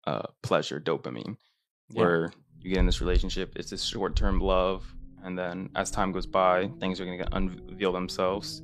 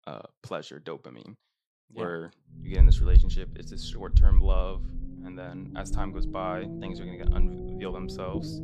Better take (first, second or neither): first